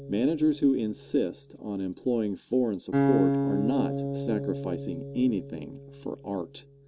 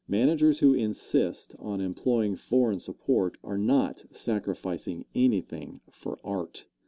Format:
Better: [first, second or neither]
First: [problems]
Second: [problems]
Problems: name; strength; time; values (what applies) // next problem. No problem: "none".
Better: second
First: background sound (Acoustic guitar); 3 dB below the speech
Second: none